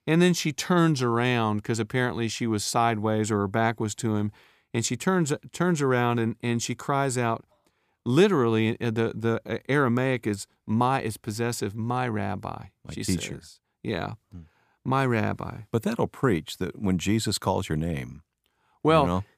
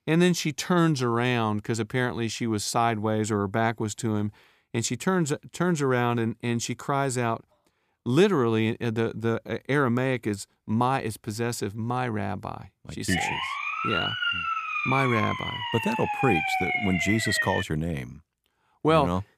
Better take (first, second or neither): first